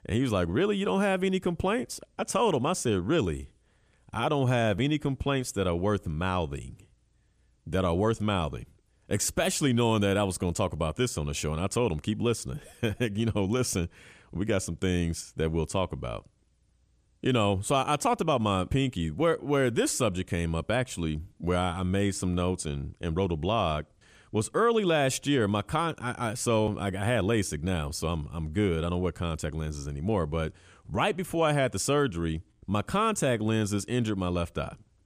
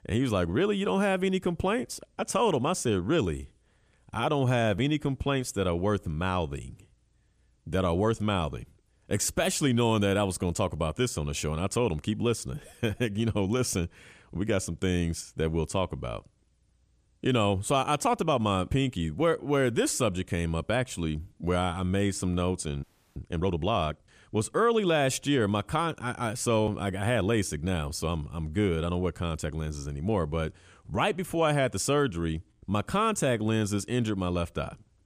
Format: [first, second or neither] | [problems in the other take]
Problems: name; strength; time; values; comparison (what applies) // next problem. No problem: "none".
first | audio freezing; at 23 s